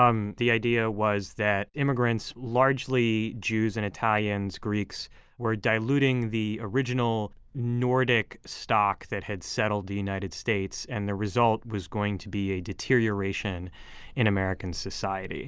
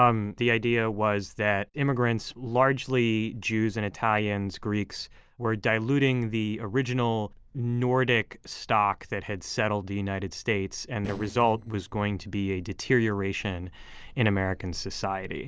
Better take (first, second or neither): first